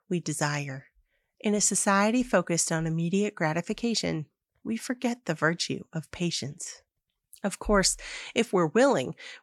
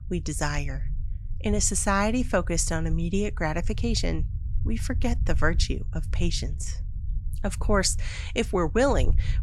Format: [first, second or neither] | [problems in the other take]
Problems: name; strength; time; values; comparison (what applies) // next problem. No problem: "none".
first | low rumble; faint; throughout; 20 dB below the speech